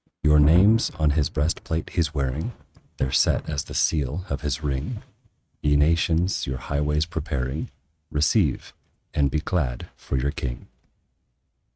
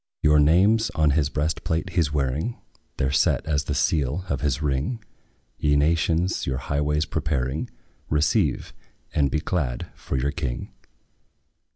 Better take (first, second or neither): second